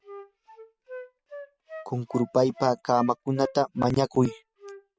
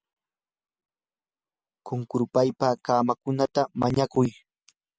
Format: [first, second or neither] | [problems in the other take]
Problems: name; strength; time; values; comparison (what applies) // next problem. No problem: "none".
second | background sound (Wind instrument, woodwind instrument); 16 dB below the speech